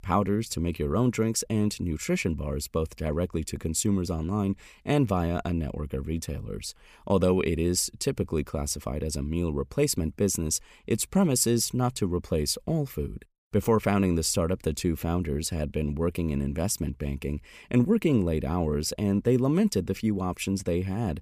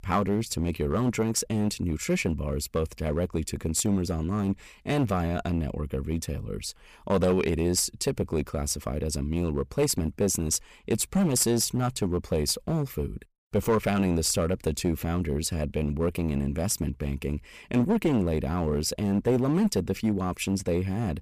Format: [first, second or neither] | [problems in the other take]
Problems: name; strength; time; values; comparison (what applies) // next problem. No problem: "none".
first | distortion; slight; 5% of the sound clipped